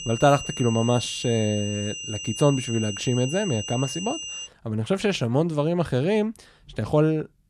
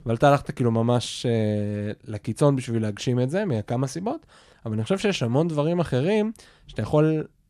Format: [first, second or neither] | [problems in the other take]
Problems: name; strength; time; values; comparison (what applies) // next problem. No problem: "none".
second | high-pitched whine; loud; until 4.5 s; 3 kHz, 8 dB below the speech